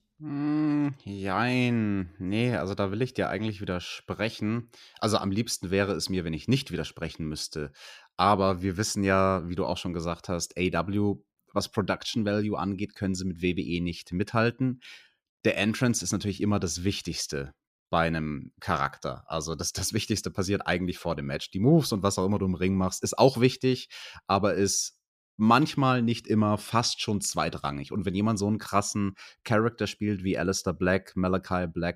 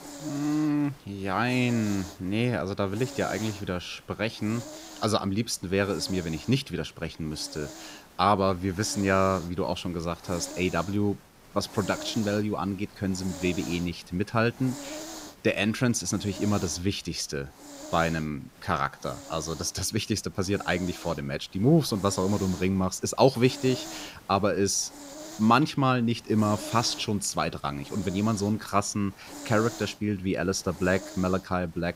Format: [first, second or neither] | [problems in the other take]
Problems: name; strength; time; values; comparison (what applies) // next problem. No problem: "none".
first | hiss; noticeable; throughout; 15 dB below the speech